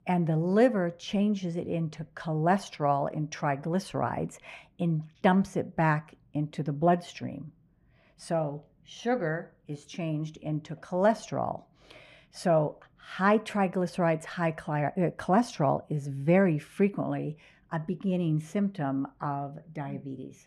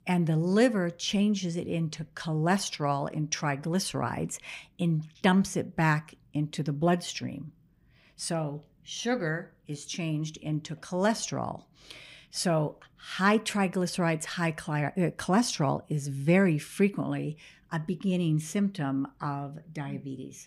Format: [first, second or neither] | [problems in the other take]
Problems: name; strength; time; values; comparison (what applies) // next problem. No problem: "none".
second | muffled; slightly; fading above 3 kHz